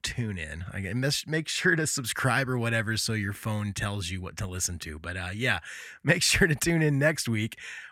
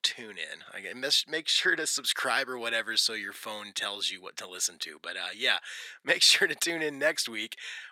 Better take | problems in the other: first | thin; very; fading below 400 Hz

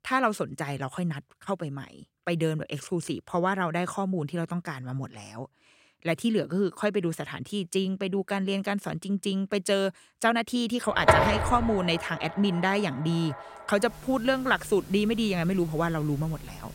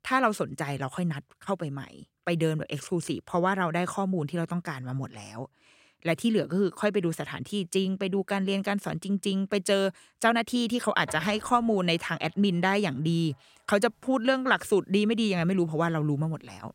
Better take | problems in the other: second | household noises; loud; from 11 s on; 1 dB below the speech; faint in the second

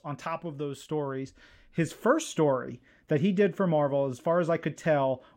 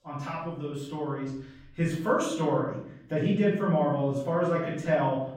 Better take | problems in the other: first | off-mic speech; far // room echo; noticeable; dies away in 0.6 s

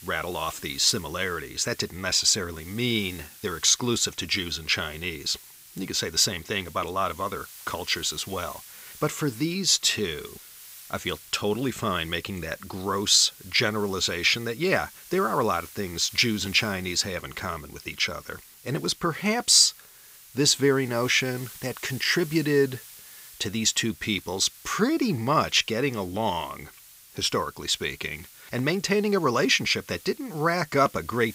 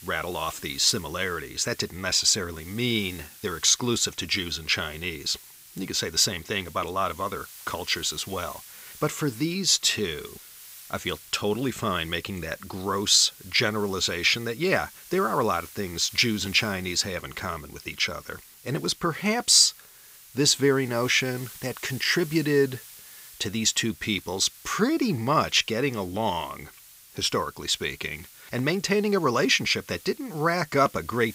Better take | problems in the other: neither | hiss; noticeable; throughout; 20 dB below the speech; the same in both

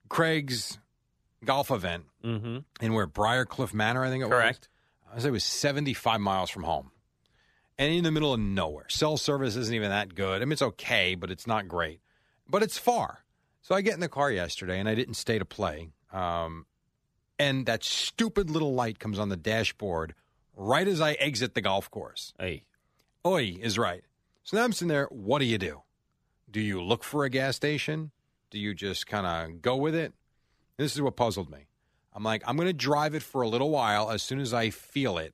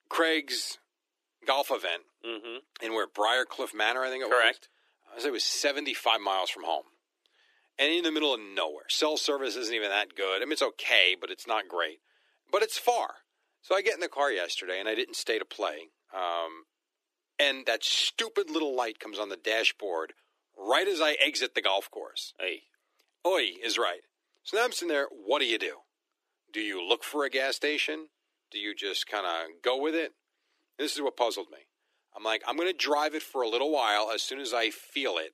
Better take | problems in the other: first | thin; very; fading below 300 Hz

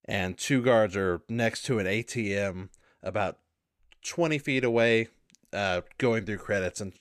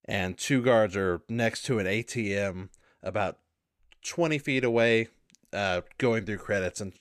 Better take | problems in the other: neither | none

